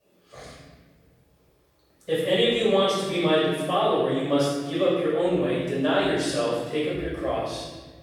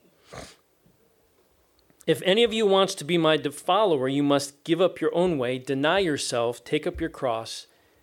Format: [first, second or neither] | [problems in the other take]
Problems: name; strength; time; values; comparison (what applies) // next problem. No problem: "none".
second | room echo; strong; dies away in 1.5 s // off-mic speech; far